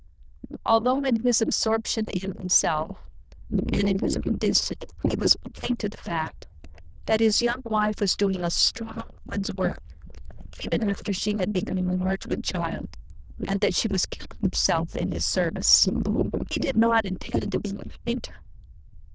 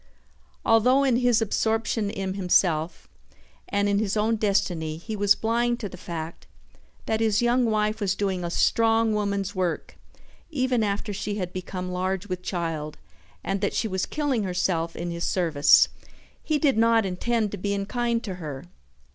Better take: second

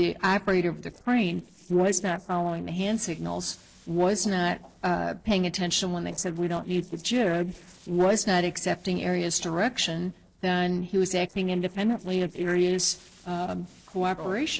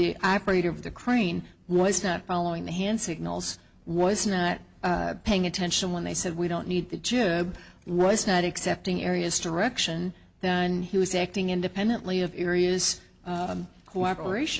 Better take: second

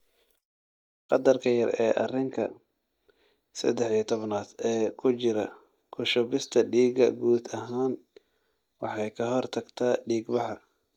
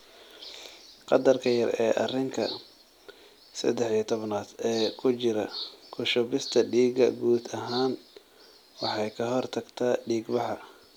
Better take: second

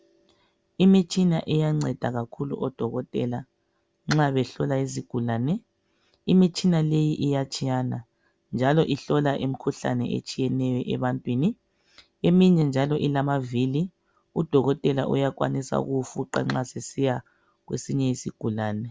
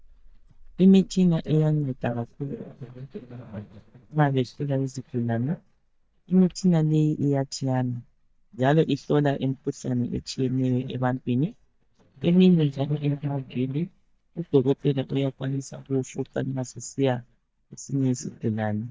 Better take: first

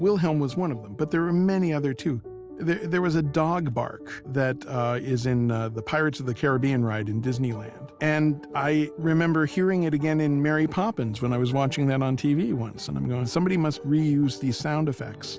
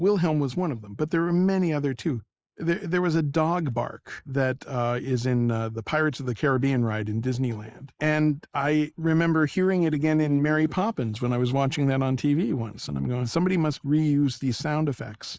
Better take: first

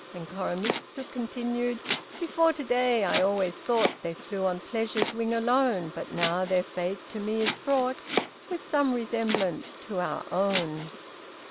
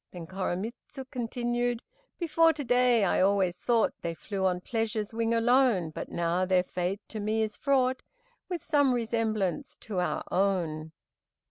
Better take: second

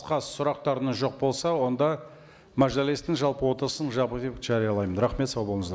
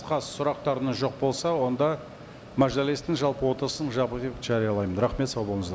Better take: first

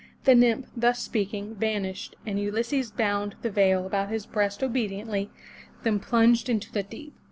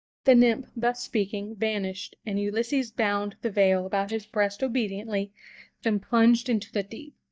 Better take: first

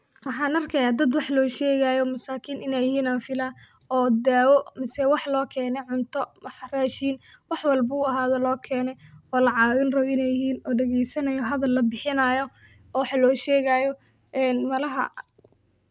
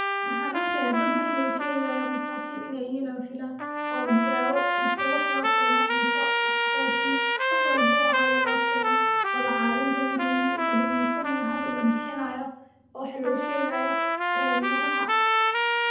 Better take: first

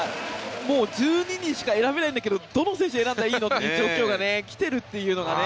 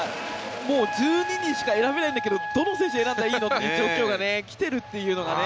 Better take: first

